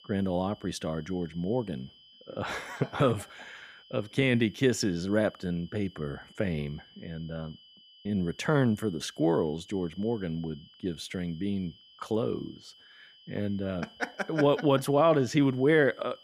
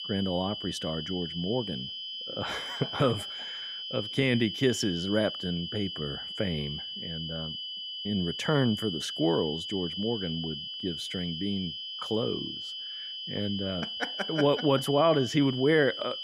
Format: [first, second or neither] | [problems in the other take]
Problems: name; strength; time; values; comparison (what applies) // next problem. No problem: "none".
first | high-pitched whine; loud; throughout; 3 kHz, 5 dB below the speech; faint in the first